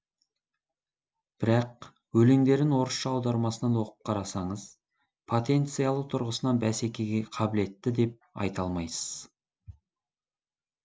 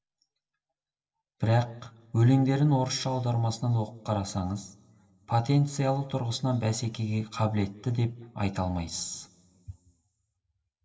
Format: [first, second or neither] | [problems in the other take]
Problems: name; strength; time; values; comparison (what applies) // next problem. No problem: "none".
first | room echo; dies away in 1.5 s